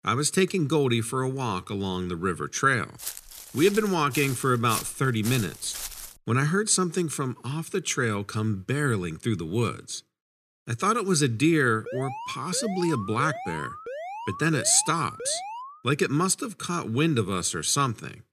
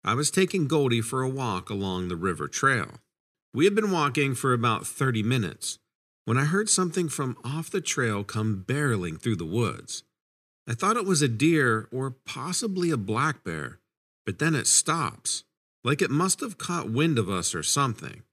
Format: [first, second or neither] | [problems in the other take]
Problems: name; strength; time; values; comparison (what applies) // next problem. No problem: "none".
second | footsteps; noticeable; from 3 to 6 s; peak 7 dB below the speech // alarm; noticeable; from 12 to 16 s; peak 10 dB below the speech